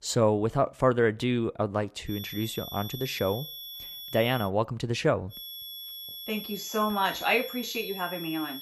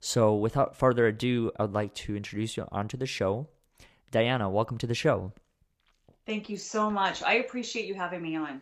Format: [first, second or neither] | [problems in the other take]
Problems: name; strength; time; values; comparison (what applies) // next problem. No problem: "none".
second | high-pitched whine; loud; from 2 to 4.5 s and from 5.5 s on; 3.5 kHz, 10 dB below the speech